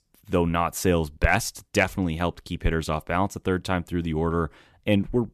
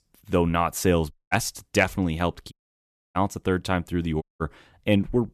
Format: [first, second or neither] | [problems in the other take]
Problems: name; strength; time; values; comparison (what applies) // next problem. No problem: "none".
first | audio cutting out; at 1 s, at 2.5 s for 0.5 s and at 4 s